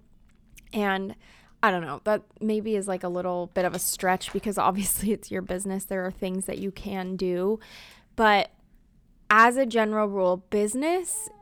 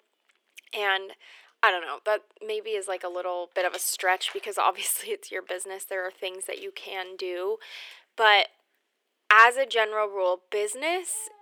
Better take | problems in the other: first | thin; very; fading below 350 Hz

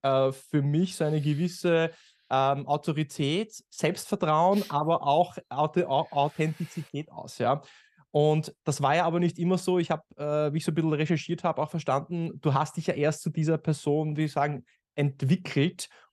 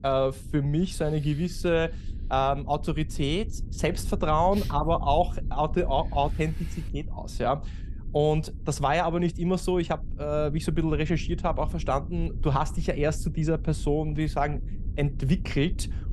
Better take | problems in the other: first | low rumble; faint; throughout; 25 dB below the speech

